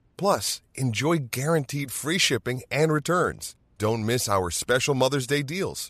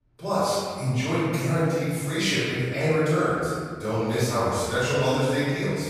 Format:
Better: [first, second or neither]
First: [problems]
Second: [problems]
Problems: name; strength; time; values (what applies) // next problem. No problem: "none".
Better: first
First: none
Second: room echo; strong; dies away in 2 s // off-mic speech; far